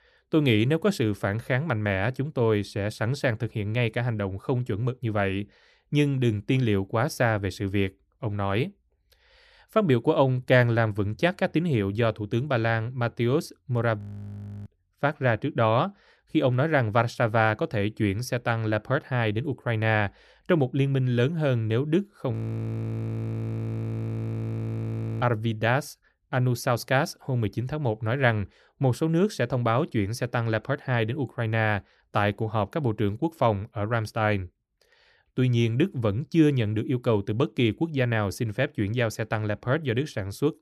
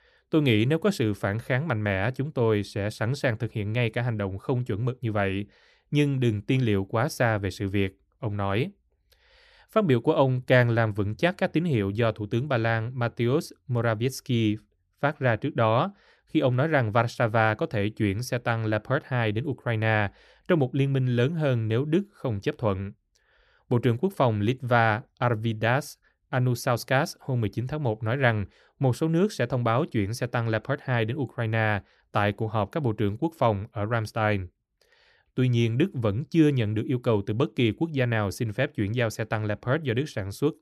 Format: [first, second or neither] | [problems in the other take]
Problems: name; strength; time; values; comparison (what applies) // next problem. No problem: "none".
second | audio freezing; at 14 s for 0.5 s and at 22 s for 3 s